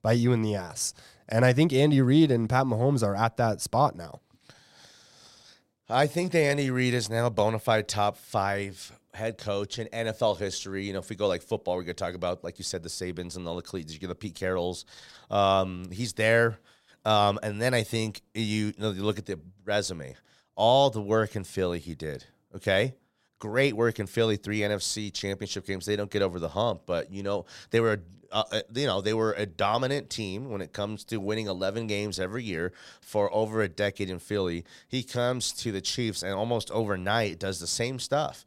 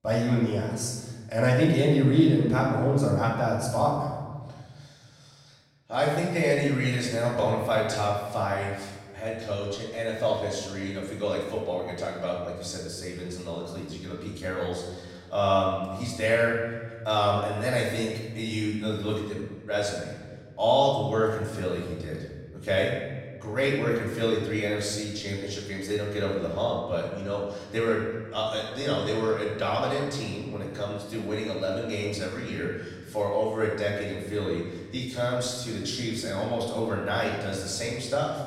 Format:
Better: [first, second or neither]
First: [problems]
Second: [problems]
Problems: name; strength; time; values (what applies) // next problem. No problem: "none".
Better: first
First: none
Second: room echo; noticeable; dies away in 1.4 s // off-mic speech; far